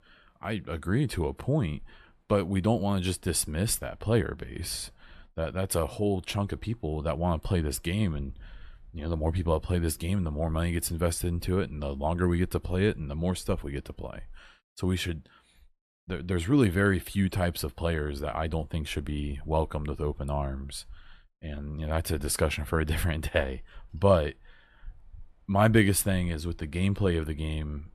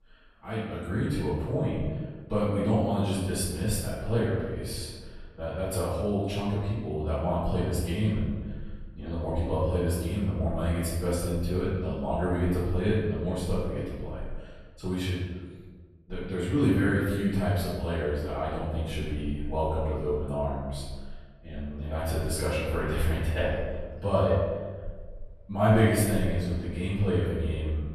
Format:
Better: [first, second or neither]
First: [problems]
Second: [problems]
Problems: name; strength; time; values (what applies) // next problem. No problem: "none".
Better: first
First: none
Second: off-mic speech; far // room echo; strong; dies away in 1.3 s